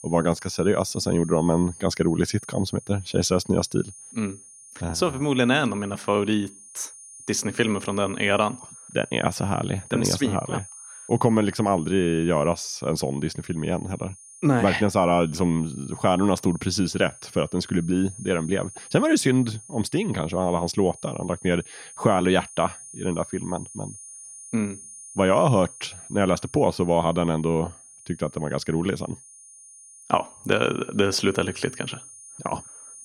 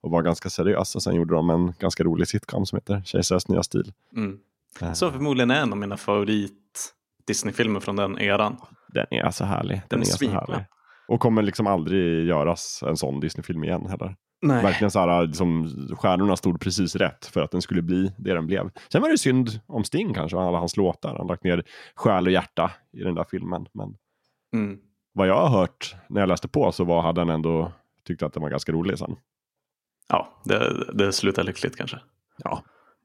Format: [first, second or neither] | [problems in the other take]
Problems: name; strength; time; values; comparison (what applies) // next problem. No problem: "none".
second | high-pitched whine; noticeable; throughout; 9.5 kHz, 20 dB below the speech